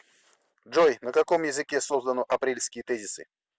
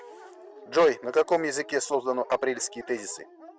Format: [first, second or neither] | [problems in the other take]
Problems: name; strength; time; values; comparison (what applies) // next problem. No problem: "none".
first | background sound (Dog); 20 dB below the speech